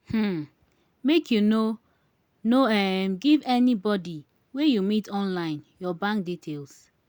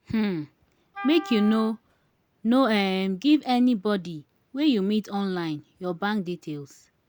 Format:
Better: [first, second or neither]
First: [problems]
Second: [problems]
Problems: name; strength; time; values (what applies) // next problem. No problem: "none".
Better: first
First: none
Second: background sound (Wind instrument, woodwind instrument); 15 dB below the speech